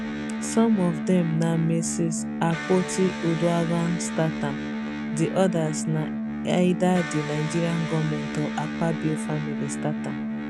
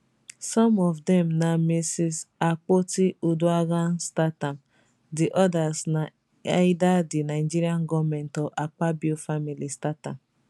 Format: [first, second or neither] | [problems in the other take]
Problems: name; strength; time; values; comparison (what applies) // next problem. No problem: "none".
second | background sound (Electric guitar); 4 dB below the speech